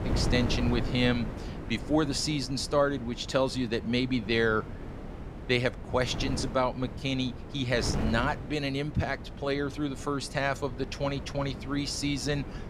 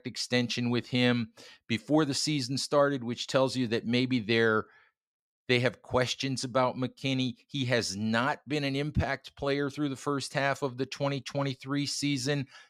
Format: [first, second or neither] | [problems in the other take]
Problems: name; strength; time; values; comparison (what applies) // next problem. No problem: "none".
second | wind noise on the microphone; occasional gusts; 10 dB below the speech